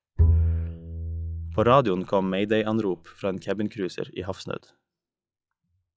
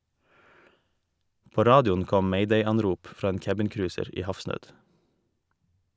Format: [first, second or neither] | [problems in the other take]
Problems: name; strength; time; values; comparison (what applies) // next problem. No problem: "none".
second | noise reduction (classical method log-MMSE)